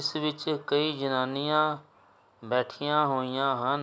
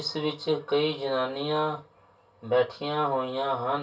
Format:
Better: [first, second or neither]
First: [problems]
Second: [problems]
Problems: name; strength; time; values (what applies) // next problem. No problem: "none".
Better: first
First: none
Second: room echo; dies away in 0.2 s